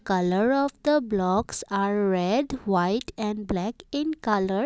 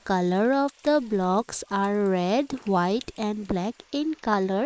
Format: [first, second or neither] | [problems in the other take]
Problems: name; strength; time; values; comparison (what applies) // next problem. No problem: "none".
first | noise reduction (neural mask model Resemble Enhance denoiser)